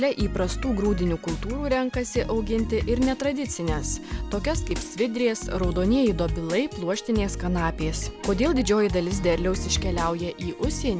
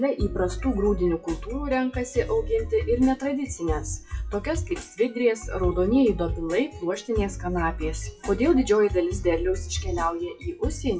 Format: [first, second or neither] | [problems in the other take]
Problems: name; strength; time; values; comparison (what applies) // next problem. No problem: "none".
first | noise reduction (classical method WPE with log-MMSE)